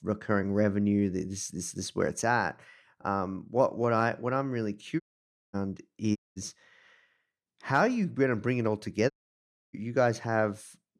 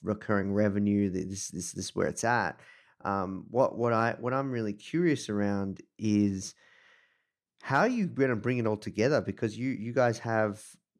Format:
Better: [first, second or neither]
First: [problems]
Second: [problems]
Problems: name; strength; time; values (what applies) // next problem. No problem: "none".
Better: second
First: audio cutting out; at 5 s for 0.5 s, at 6 s and at 9 s for 0.5 s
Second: none